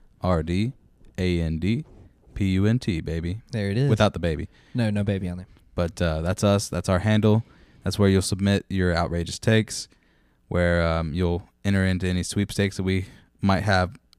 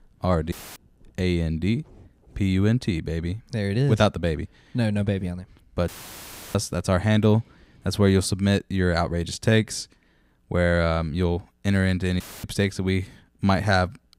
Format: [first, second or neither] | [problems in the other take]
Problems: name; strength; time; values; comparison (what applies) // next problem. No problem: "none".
first | audio cutting out; filled with static; at 0.5 s, at 6 s for 0.5 s and at 12 s